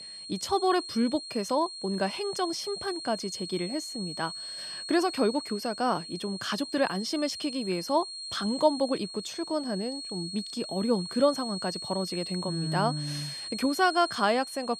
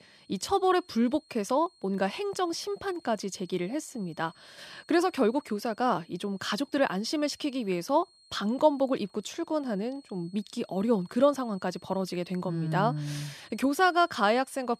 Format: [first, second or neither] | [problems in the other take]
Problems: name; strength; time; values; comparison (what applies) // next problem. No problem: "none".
second | high-pitched whine; loud; throughout; 4.5 kHz, 7 dB below the speech; faint in the second